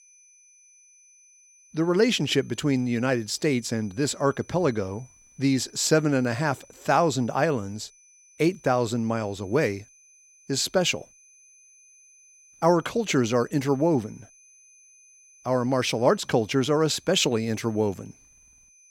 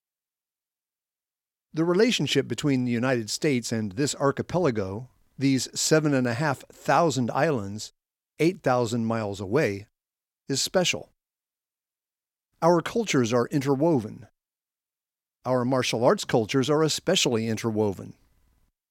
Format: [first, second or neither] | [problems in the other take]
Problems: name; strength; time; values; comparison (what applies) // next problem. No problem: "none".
second | high-pitched whine; faint; throughout; 6 kHz, 30 dB below the speech